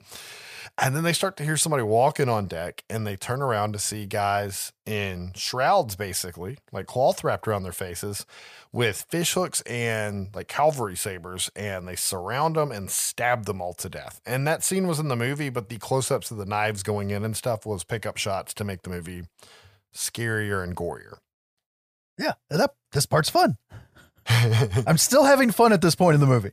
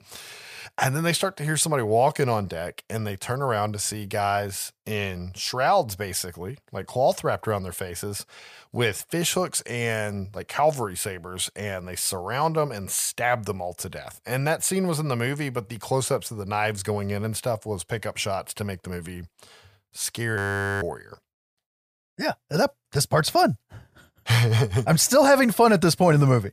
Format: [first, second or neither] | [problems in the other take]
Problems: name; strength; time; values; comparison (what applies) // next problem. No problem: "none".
first | audio freezing; at 20 s